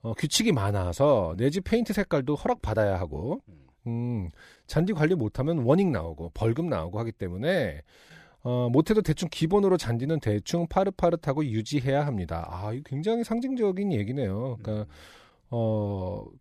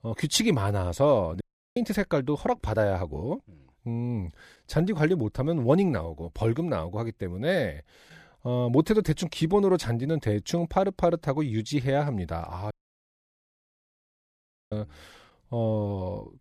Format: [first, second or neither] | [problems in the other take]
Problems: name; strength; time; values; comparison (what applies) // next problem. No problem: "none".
first | audio cutting out; at 1.5 s and at 13 s for 2 s